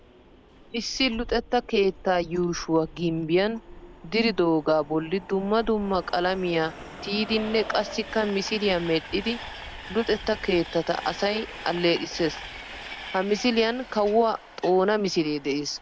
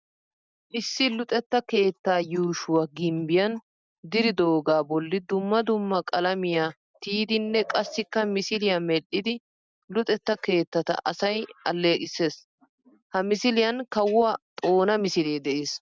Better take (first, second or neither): second